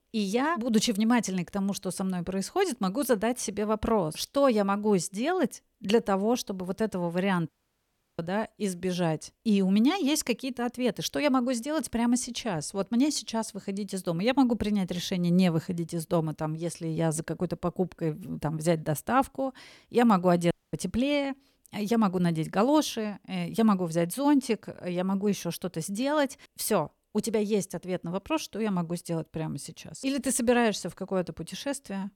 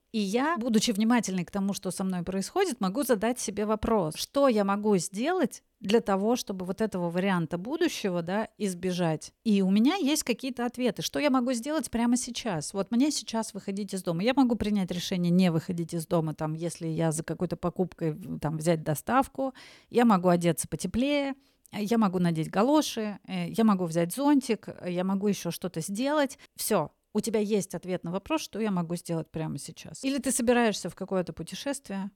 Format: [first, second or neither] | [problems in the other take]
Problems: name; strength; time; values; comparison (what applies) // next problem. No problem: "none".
second | audio cutting out; at 7.5 s for 0.5 s and at 21 s